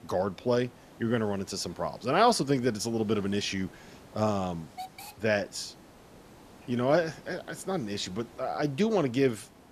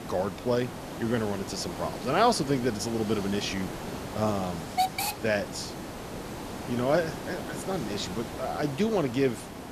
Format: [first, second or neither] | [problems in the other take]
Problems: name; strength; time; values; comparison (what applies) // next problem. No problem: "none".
first | hiss; loud; throughout; 7 dB below the speech; faint in the first